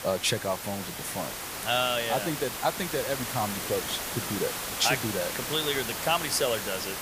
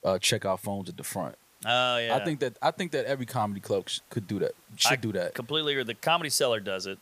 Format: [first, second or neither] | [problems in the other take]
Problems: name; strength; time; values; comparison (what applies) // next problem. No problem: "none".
second | hiss; loud; throughout; 3 dB below the speech; faint in the second